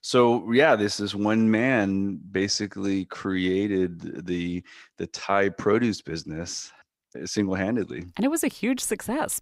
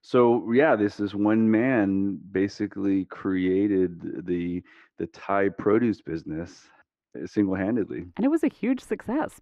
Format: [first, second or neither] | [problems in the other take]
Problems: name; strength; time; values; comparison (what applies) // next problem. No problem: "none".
first | muffled; very; fading above 3.5 kHz